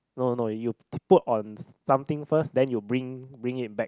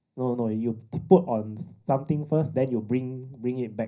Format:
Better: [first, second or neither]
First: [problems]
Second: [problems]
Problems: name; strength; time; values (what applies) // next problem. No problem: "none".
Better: first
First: none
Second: room echo; dies away in 0.5 s